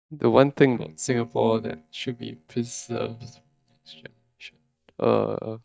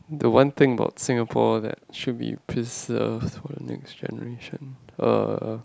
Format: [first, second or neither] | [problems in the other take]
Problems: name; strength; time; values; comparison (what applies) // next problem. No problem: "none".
second | noise reduction (neural mask model DeepFilterNet 3)